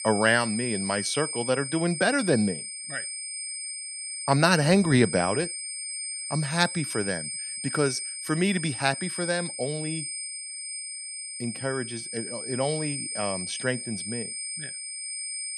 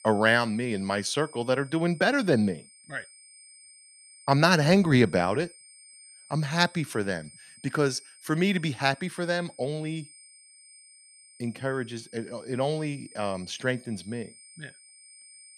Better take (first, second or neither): second